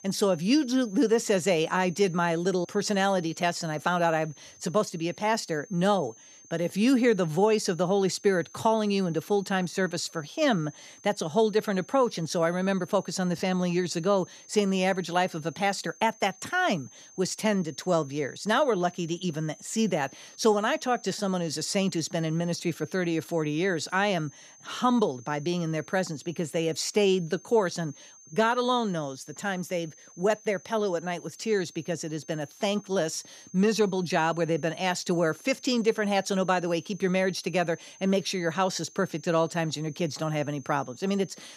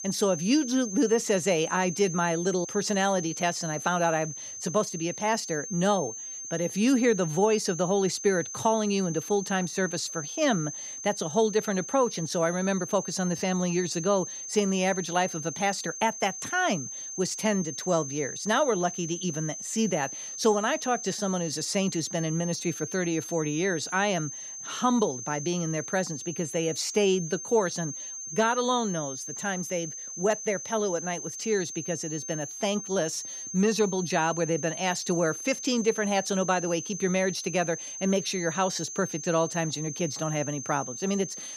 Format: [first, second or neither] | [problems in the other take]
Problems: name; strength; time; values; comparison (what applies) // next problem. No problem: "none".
first | high-pitched whine; loud; throughout; 6.5 kHz, 8 dB below the speech; faint in the first